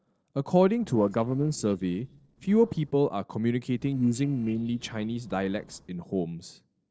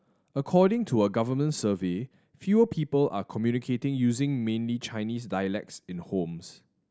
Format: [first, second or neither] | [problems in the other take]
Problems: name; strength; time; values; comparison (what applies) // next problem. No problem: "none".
second | noise reduction (neural separator model SepFormer DNS4)